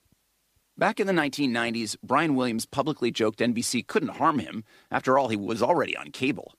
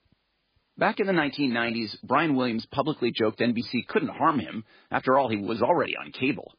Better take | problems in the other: first | garbled, watery; badly; nothing above 4 kHz

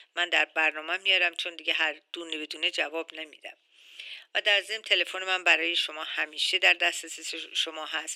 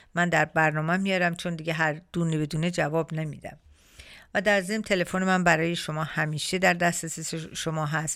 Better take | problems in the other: second | thin; very; fading below 300 Hz

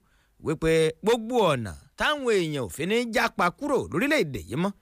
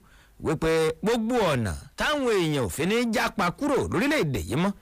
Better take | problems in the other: first | distortion; heavy; 6 dB below the speech

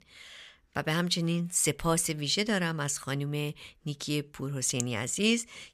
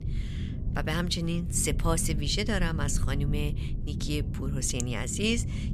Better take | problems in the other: first | low rumble; noticeable; throughout; 15 dB below the speech

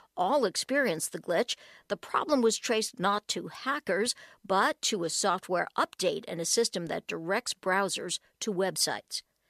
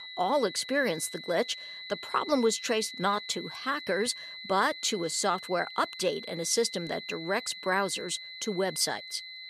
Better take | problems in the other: first | high-pitched whine; noticeable; throughout; 4 kHz, 10 dB below the speech

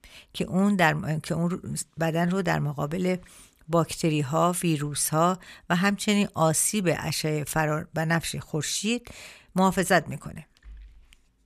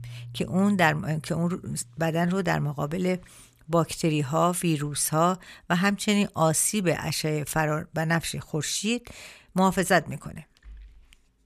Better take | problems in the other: first | background music; faint; throughout; 20 dB below the speech

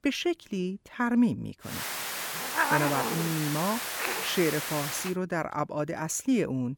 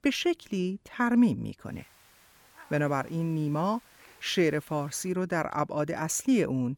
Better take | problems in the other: second | hiss; loud; from 1.5 to 5 s; 1 dB below the speech; faint in the second

